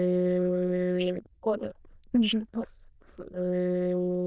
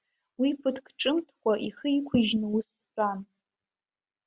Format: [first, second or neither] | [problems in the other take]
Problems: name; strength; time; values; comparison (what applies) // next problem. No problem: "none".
second | noise reduction (neural diffusion model UNIVERSE++)